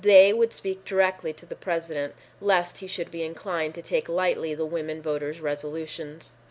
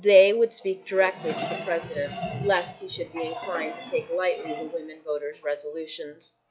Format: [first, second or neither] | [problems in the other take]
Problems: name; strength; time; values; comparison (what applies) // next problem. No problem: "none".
first | noise reduction (classical method log-MMSE)